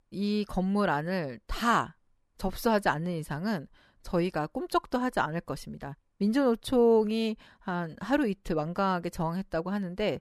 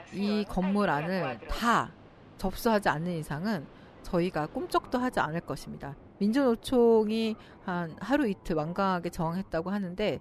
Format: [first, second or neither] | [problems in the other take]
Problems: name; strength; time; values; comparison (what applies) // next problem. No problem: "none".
first | train or aircraft noise; noticeable; throughout; 20 dB below the speech